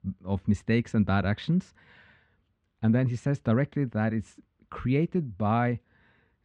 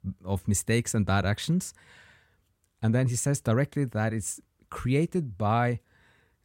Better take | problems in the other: second | muffled; very; fading above 3.5 kHz

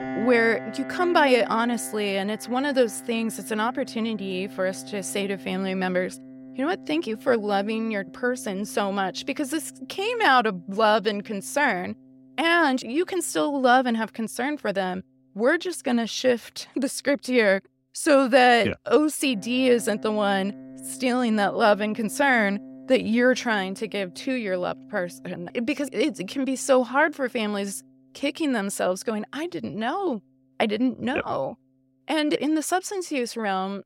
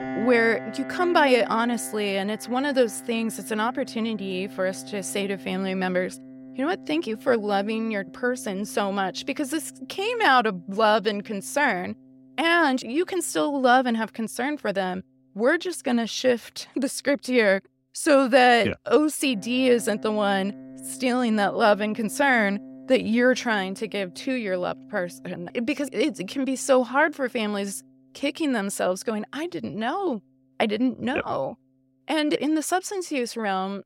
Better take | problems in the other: neither | background music; noticeable; throughout; 20 dB below the speech; the same in both

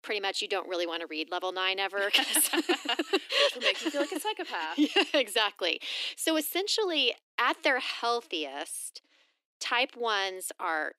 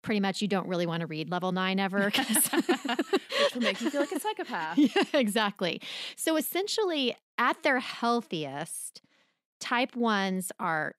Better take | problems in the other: second | thin; somewhat; fading below 300 Hz

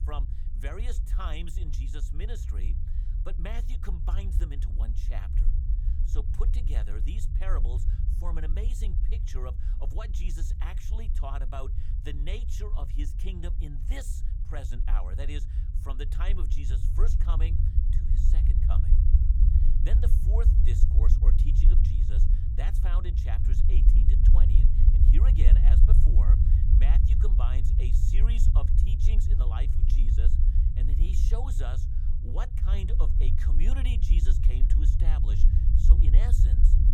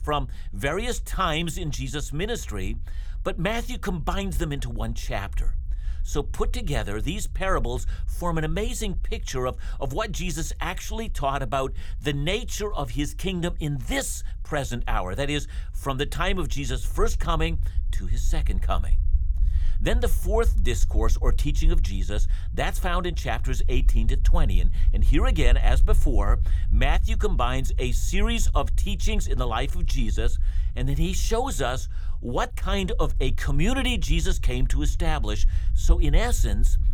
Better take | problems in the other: second | low rumble; loud; throughout; 2 dB below the speech; faint in the second

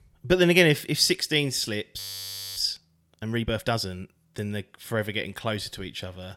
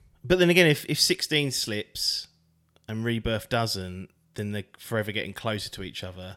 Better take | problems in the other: second | audio freezing; at 2 s for 0.5 s

